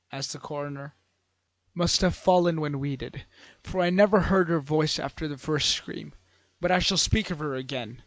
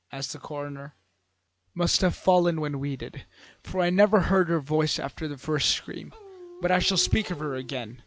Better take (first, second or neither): first